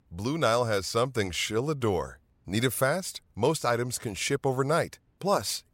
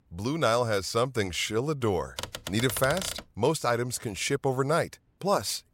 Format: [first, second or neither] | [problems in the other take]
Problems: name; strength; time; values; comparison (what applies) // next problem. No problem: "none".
first | keyboard typing; noticeable; from 2 to 3 s; peak 6 dB below the speech